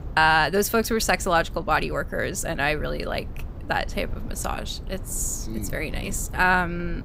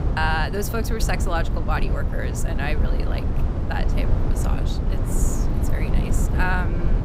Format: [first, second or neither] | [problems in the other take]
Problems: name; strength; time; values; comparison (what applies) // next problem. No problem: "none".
first | low rumble; loud; throughout; 6 dB below the speech; faint in the first